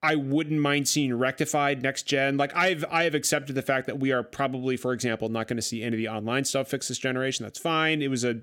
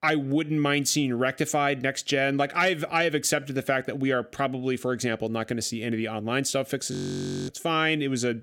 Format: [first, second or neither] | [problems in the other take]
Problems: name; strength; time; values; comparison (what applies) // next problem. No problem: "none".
first | audio freezing; at 7 s for 0.5 s